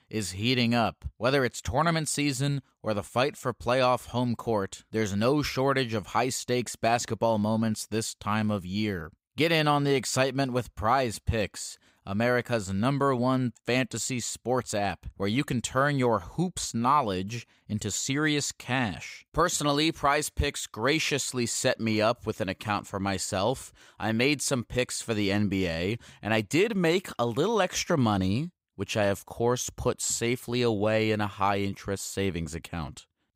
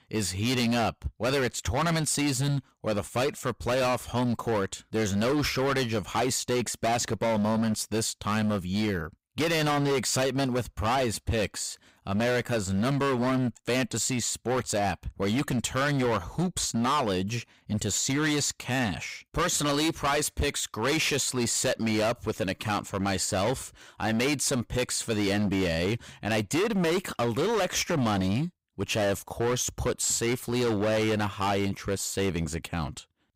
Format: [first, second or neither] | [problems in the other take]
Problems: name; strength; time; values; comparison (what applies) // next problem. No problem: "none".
first | distortion; heavy; 19% of the sound clipped